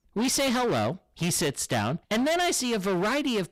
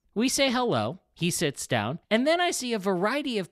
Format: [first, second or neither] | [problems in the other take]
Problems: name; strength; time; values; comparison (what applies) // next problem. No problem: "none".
second | distortion; heavy; 27% of the sound clipped